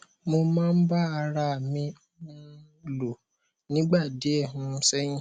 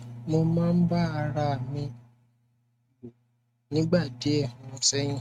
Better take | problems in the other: first | noise reduction (neural mask model RNNoise)

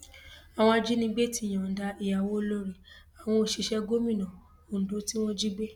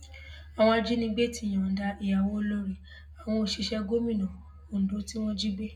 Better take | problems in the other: first | room echo; dies away in 0.3 s

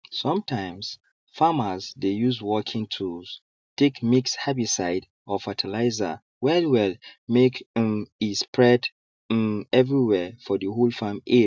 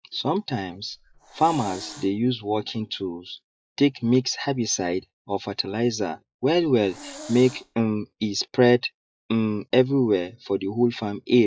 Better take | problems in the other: first | noise reduction (classical method log-MMSE)

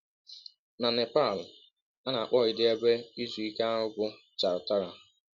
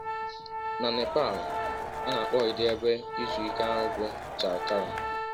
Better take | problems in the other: first | background sound (Organ + Crowd); 2 dB below the speech

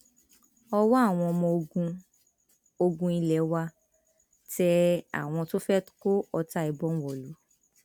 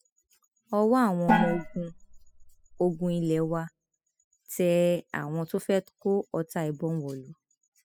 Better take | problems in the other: first | noise reduction (classical method spectral subtraction)

